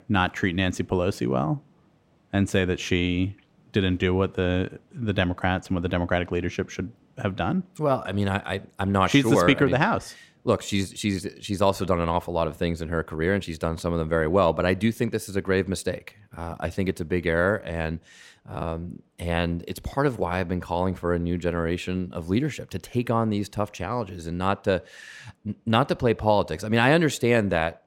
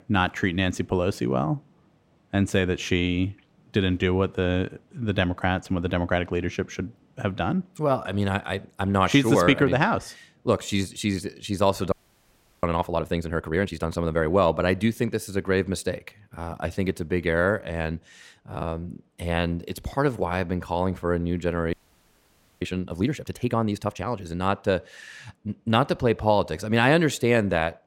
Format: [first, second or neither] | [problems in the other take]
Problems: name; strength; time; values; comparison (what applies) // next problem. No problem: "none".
first | audio freezing; at 12 s for 0.5 s and at 22 s for 1 s